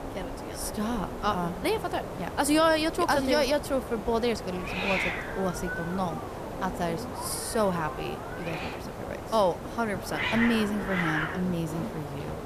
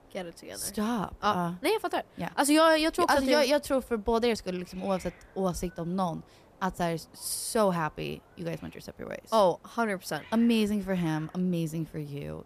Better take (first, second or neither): second